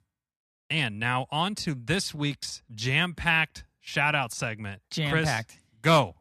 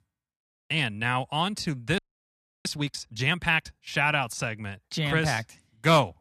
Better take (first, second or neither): first